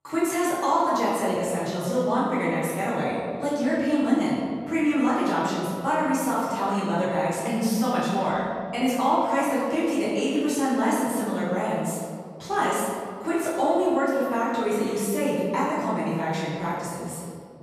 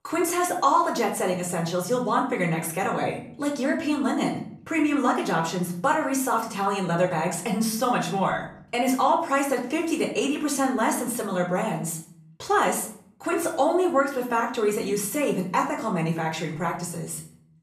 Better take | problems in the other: second | room echo; strong; dies away in 2.1 s; slight in the second // off-mic speech; far; far in the second

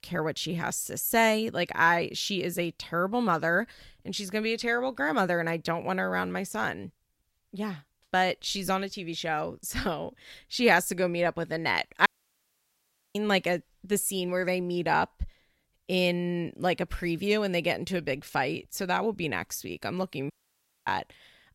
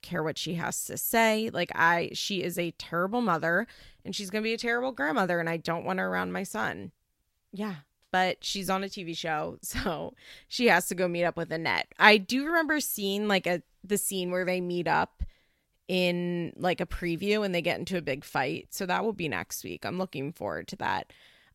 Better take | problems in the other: second | audio cutting out; at 12 s for 1 s and at 20 s for 0.5 s

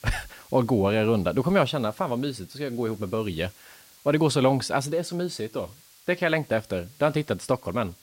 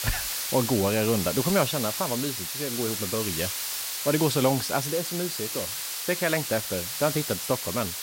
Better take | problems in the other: first | hiss; loud; throughout; 2 dB below the speech; faint in the first

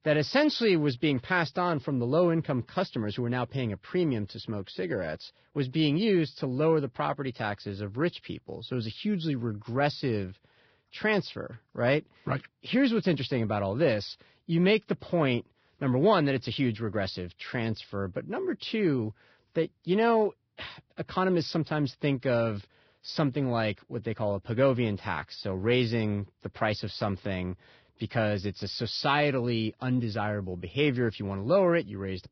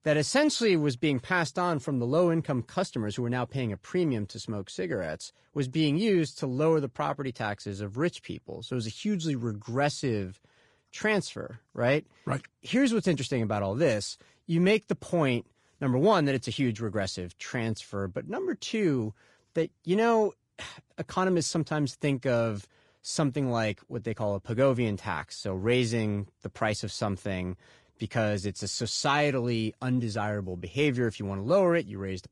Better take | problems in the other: second | garbled, watery; badly; nothing above 5.5 kHz; slightly in the second

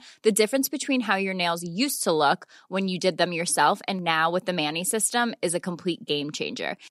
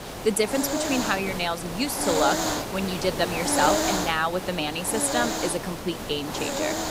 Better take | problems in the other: first | hiss; loud; throughout; 2 dB below the speech

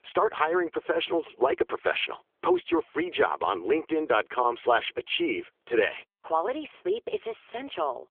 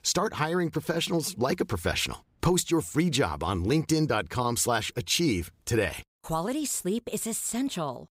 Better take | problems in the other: second | phone-call audio; poor line; nothing above 3.5 kHz

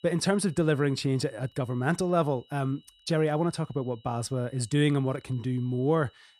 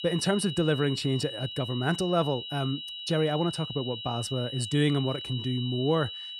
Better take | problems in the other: first | high-pitched whine; loud; throughout; 3 kHz, 7 dB below the speech; faint in the first

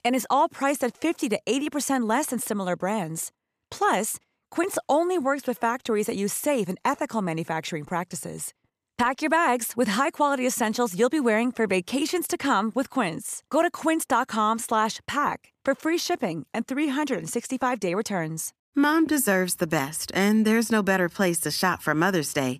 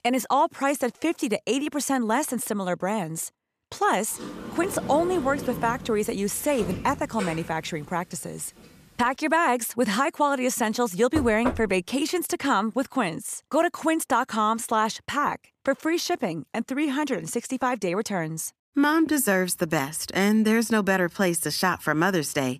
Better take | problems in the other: first | door banging; noticeable; from 4 to 8.5 s and at 11 s; peak 5 dB below the speech

